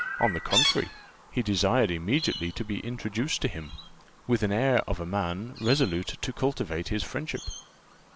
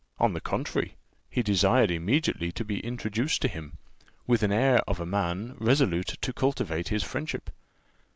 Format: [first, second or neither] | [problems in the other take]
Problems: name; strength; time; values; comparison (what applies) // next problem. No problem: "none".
second | background sound (Chirp, tweet); 8 dB below the speech